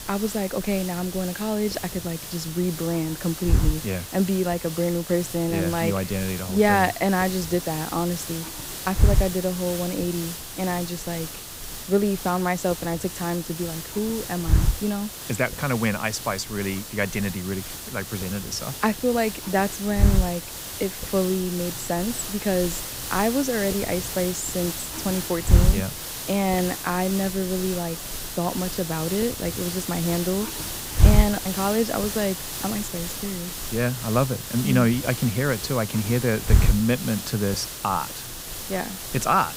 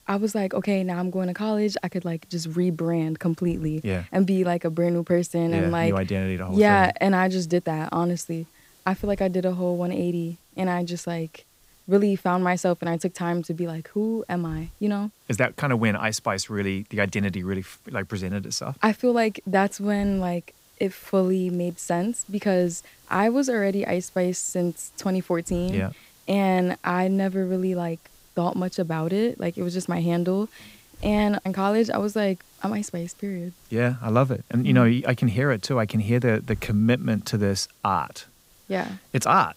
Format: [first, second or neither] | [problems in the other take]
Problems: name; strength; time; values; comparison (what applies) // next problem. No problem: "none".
second | hiss; loud; throughout; 3 dB below the speech; faint in the second